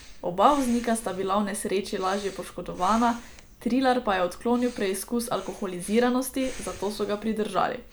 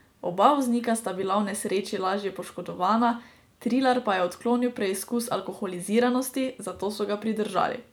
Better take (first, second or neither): second